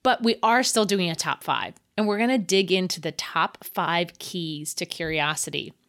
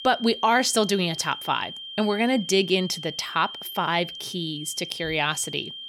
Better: first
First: none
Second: high-pitched whine; noticeable; throughout; 3 kHz, 10 dB below the speech

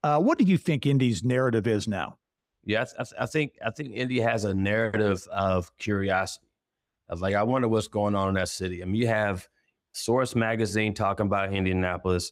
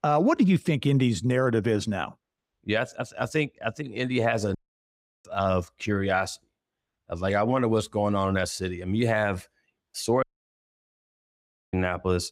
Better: first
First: none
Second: audio cutting out; at 4.5 s for 0.5 s and at 10 s for 1.5 s

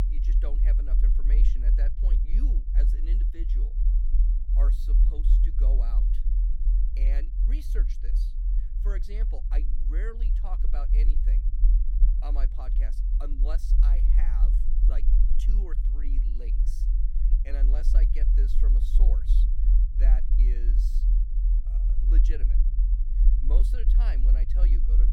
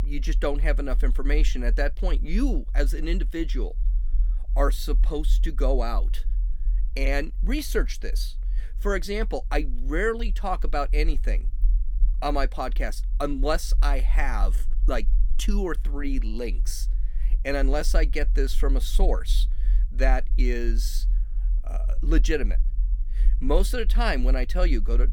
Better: second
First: low rumble; loud; throughout; 2 dB below the speech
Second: low rumble; faint; throughout; 20 dB below the speech

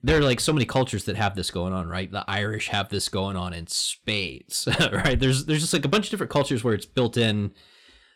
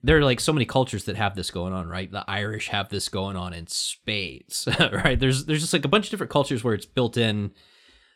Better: second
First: distortion; slight; 10 dB below the speech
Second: none

